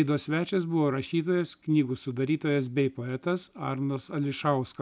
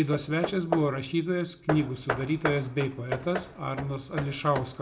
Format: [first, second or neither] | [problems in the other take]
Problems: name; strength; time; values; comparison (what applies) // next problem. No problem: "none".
first | background sound (Hammer / Wood); 7 dB below the speech // room echo; dies away in 0.4 s